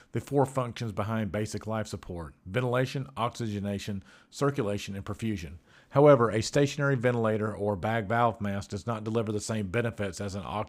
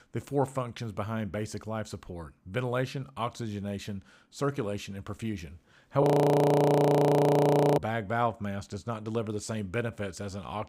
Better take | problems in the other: first | audio freezing; at 6 s for 2 s

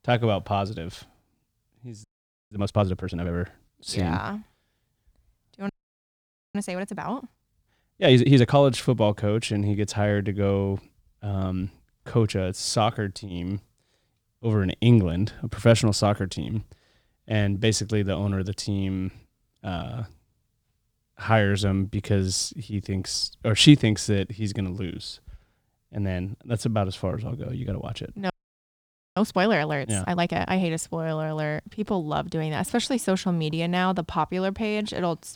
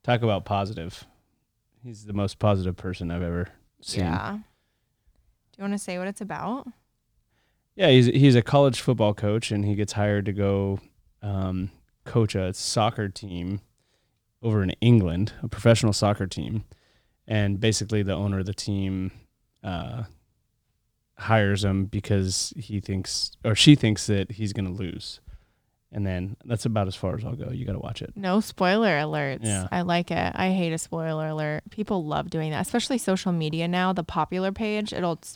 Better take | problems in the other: second | audio freezing; at 2 s, at 5.5 s for 1 s and at 28 s for 1 s

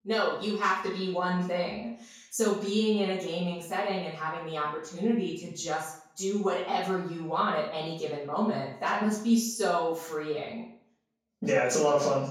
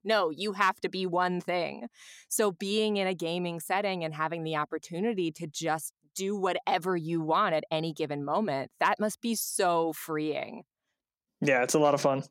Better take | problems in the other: second | room echo; noticeable; dies away in 0.5 s // off-mic speech; far

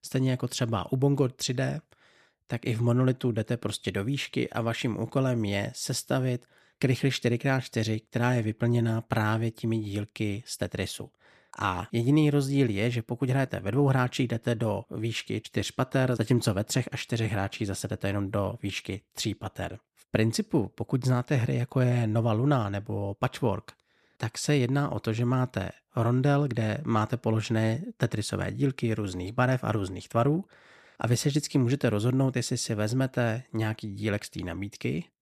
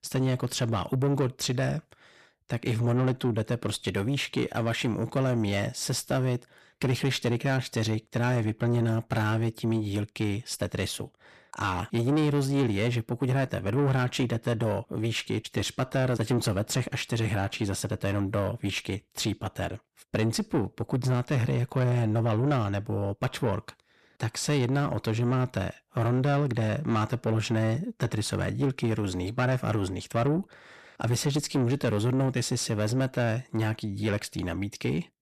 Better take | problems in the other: first | distortion; slight; 10 dB below the speech

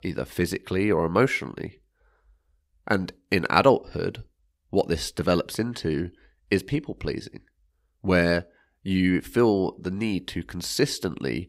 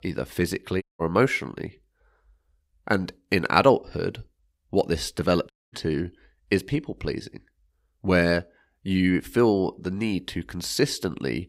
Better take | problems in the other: first | audio cutting out; at 1 s and at 5.5 s

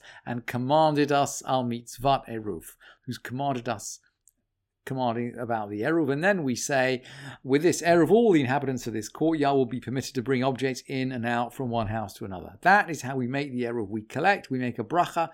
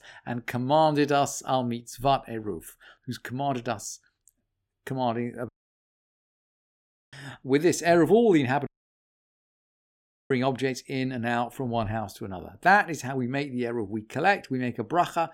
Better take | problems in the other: first | audio cutting out; at 5.5 s for 1.5 s and at 8.5 s for 1.5 s

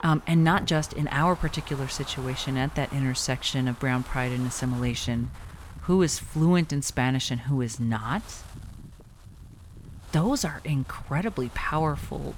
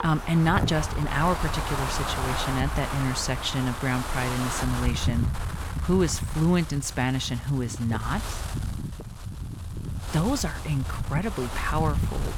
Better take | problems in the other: first | wind noise on the microphone; heavy; 4 dB below the speech; occasional gusts in the first

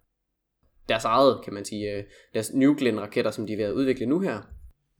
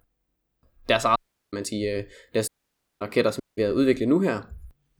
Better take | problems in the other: first | audio cutting out; at 1 s, at 2.5 s for 0.5 s and at 3.5 s

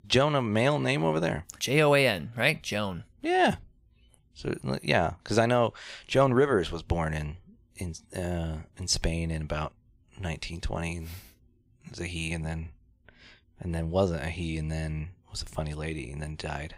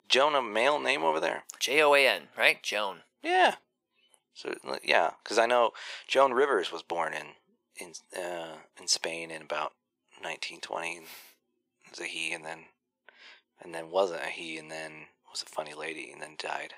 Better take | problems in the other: first | thin; very; fading below 400 Hz

